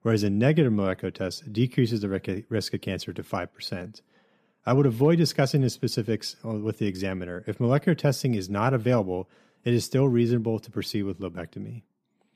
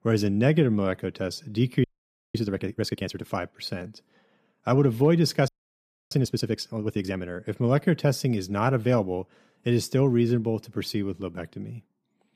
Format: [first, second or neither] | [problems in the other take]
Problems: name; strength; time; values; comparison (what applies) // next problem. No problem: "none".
first | audio freezing; at 2 s and at 5.5 s for 0.5 s